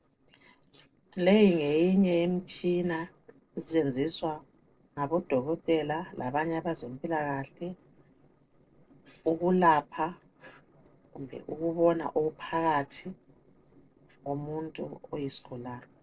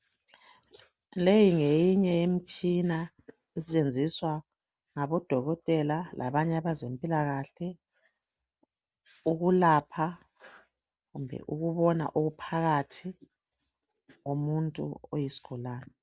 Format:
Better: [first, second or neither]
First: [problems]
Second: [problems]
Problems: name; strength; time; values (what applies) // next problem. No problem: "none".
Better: second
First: noise reduction (neural separator model SepFormer DNS4)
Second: none